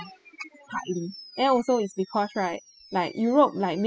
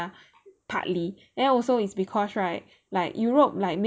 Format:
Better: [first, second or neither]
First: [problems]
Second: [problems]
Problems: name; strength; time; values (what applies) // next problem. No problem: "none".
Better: second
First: noise reduction (classical method spectral subtraction)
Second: none